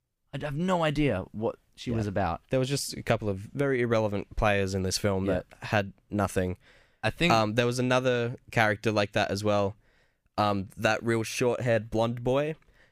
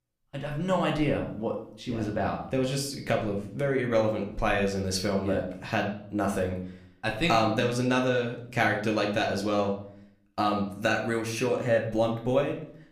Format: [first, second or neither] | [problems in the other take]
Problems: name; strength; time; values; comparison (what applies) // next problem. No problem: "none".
first | room echo; slight; dies away in 0.5 s // off-mic speech; somewhat distant